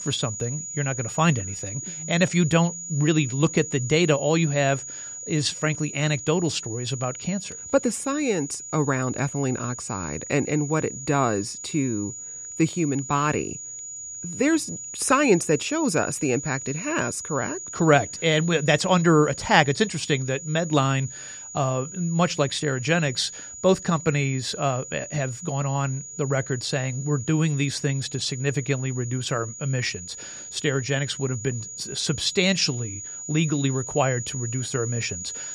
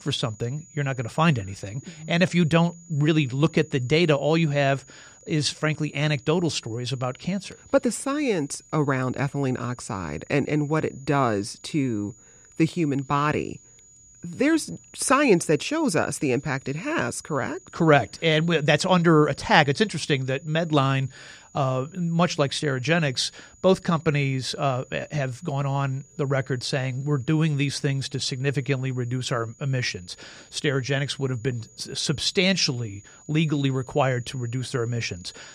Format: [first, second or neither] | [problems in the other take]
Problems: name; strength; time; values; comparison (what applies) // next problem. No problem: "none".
second | high-pitched whine; loud; throughout; 7 kHz, 10 dB below the speech; faint in the second